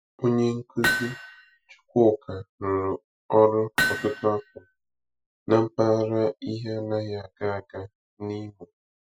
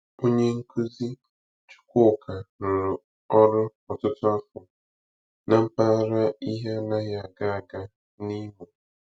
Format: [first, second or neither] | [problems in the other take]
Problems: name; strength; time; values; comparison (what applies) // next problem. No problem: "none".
second | noise reduction (classical method Wiener filter)